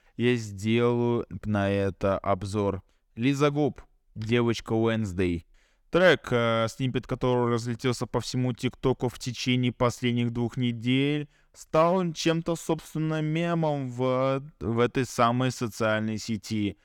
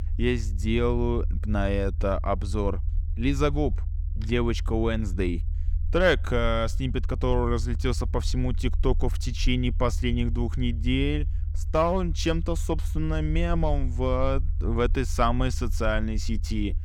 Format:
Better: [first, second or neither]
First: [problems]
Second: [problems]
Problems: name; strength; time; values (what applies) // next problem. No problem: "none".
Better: first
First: none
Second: low rumble; faint; throughout; 20 dB below the speech